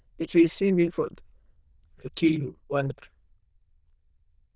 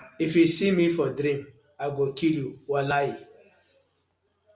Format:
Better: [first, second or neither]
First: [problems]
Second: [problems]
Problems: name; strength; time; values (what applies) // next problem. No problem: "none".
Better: second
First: noise reduction (neural diffusion model UNIVERSE++)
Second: none